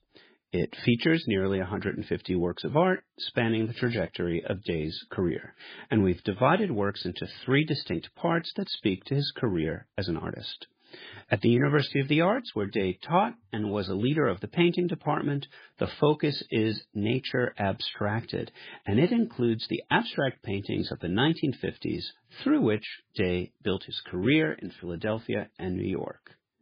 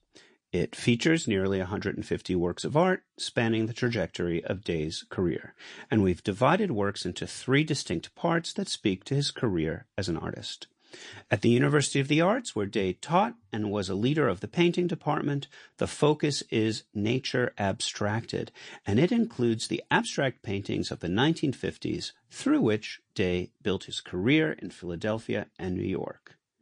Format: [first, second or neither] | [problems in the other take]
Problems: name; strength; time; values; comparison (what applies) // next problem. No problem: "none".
second | garbled, watery; badly; nothing above 4.5 kHz; slightly in the second